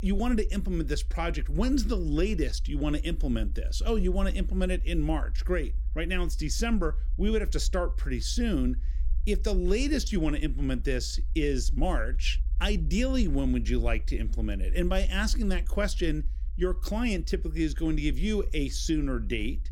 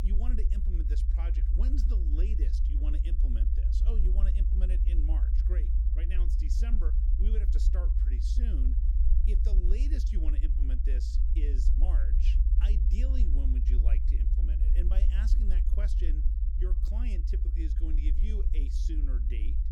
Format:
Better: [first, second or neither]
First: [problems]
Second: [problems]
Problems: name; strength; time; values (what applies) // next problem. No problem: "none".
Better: first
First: low rumble; faint; throughout; 25 dB below the speech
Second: low rumble; loud; throughout; 1 dB below the speech